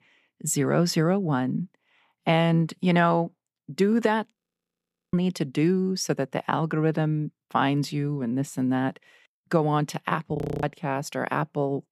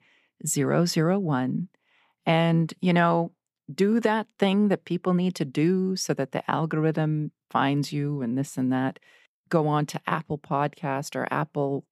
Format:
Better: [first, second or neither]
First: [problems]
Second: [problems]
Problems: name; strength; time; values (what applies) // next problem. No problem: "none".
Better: second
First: audio freezing; at 4.5 s for 0.5 s and at 10 s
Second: none